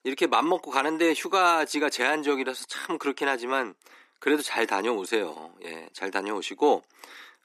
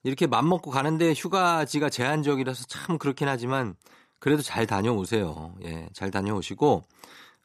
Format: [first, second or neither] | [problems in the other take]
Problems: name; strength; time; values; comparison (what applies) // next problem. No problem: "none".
second | thin; somewhat; fading below 300 Hz